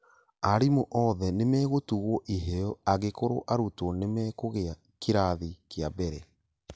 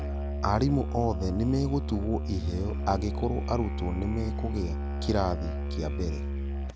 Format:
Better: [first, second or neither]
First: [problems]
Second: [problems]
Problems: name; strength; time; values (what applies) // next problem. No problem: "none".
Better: first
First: none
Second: background sound (Musical instrument); 1 dB below the speech